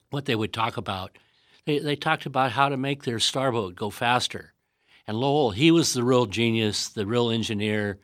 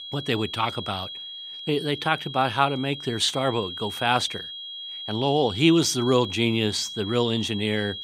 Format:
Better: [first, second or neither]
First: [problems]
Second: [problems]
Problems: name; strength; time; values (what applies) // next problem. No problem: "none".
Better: first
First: none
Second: high-pitched whine; loud; throughout; 3.5 kHz, 9 dB below the speech